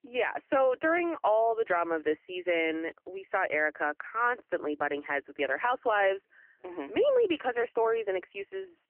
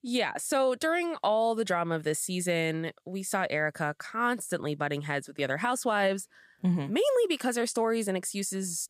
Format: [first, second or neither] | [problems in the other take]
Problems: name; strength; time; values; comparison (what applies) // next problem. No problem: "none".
second | phone-call audio; poor line; nothing above 3 kHz